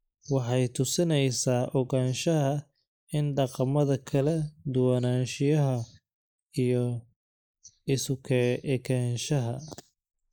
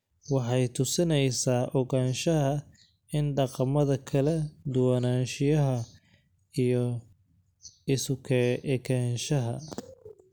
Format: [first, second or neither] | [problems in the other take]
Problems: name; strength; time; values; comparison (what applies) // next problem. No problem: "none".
second | noise reduction (neural mask model Resemble Enhance denoiser)